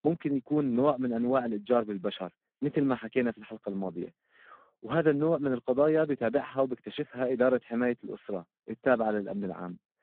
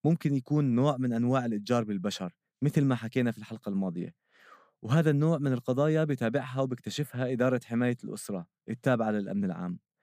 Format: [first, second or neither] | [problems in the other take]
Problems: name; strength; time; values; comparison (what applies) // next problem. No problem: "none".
second | phone-call audio; poor line